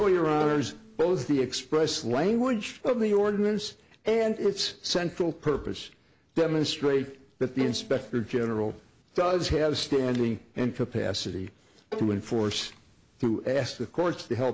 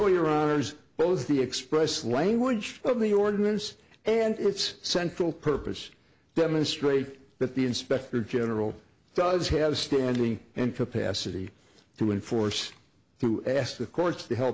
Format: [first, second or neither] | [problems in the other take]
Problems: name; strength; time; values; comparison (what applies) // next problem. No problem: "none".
second | background sound (Bowed string instrument); 14 dB below the speech